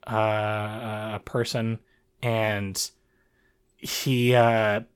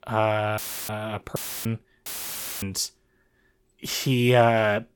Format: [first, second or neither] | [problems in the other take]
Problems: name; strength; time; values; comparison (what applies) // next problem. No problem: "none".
first | audio cutting out; filled with static; at 0.5 s, at 1.5 s and at 2 s for 0.5 s